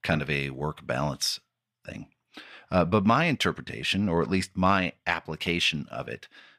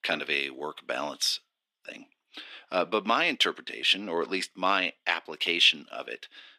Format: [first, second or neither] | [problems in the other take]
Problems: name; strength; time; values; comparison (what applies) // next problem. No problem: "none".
first | thin; somewhat; fading below 300 Hz